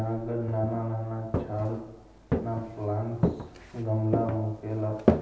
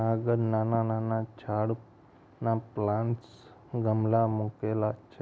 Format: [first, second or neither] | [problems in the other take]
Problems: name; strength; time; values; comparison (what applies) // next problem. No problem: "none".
second | background sound (Walk, footsteps); 1 dB below the speech // room echo; dies away in 0.9 s